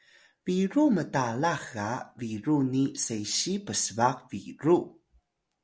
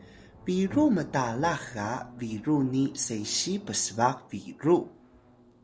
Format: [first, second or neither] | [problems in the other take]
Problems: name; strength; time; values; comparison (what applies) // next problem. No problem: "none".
first | background sound (Thunder + Drum); 18 dB below the speech